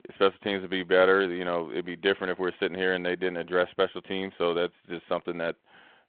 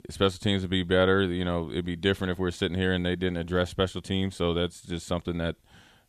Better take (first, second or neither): second